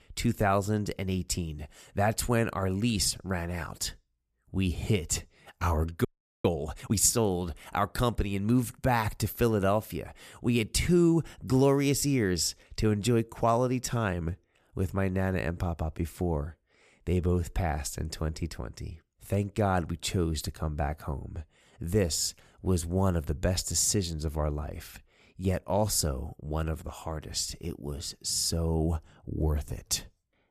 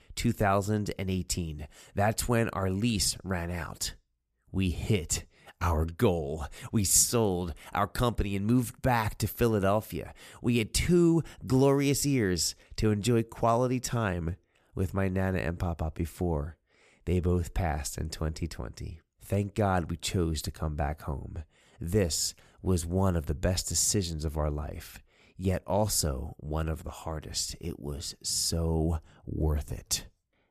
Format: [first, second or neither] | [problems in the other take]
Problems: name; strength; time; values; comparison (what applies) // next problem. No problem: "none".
second | audio freezing; at 6 s